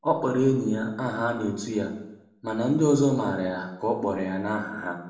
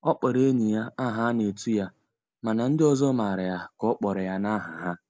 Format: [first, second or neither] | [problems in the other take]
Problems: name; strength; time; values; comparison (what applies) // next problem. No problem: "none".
second | room echo; dies away in 0.8 s